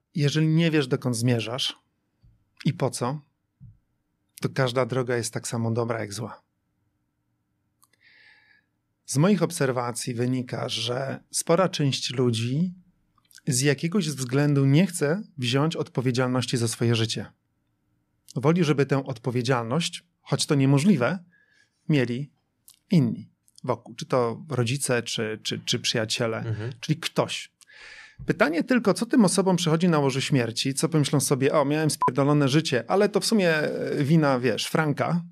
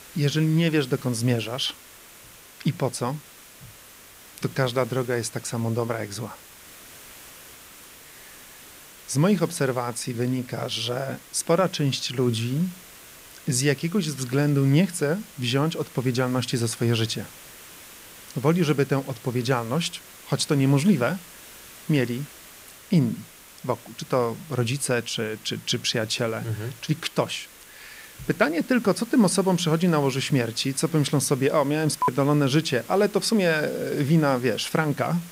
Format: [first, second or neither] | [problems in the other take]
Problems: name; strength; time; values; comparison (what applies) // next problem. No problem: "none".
first | hiss; noticeable; throughout; 20 dB below the speech